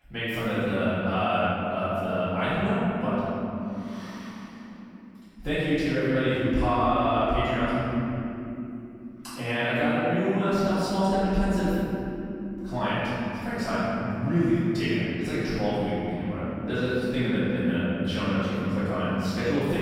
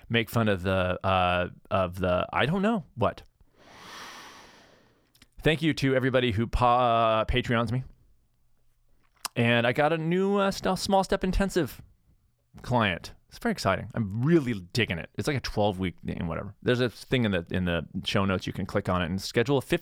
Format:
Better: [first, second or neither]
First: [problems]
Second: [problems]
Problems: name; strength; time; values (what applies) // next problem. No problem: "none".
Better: second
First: room echo; strong; dies away in 3 s // off-mic speech; far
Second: none